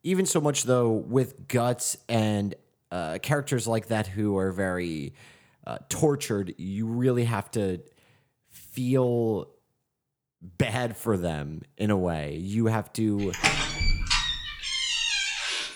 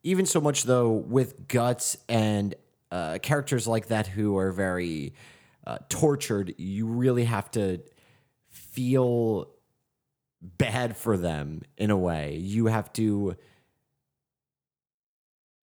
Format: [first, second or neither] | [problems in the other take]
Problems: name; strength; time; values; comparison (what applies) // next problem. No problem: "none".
second | door banging; loud; from 13 s on; peak 4 dB above the speech